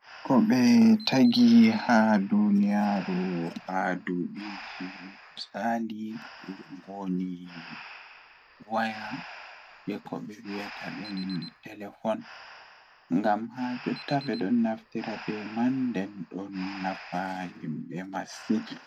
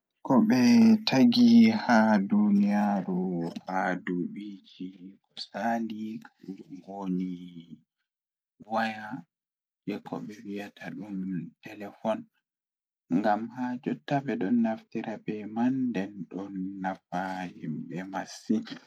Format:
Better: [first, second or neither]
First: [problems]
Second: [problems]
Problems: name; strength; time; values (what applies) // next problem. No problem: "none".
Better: second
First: background sound (Alarm + Breathing); 19 dB below the speech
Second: none